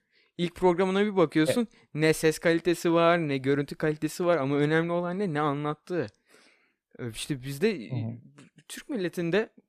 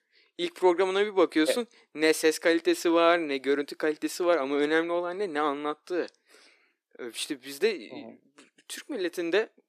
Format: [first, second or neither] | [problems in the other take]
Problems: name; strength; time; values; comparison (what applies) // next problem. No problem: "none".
first | thin; somewhat; fading below 300 Hz